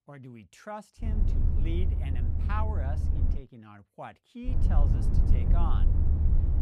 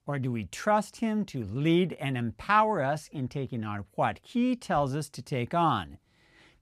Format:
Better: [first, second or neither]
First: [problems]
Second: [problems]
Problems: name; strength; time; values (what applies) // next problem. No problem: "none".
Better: second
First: low rumble; loud; from 1 to 3.5 s and from 4.5 s on; 3 dB below the speech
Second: none